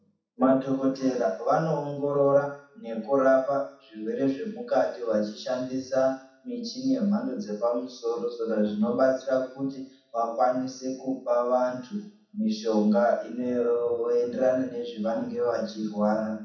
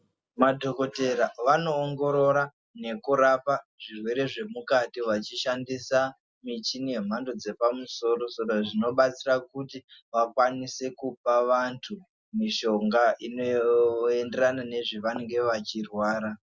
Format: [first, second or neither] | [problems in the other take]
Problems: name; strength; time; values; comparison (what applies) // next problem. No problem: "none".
second | room echo; dies away in 0.7 s